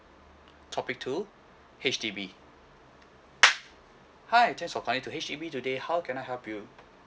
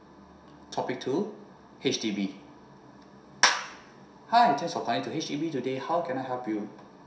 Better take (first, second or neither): first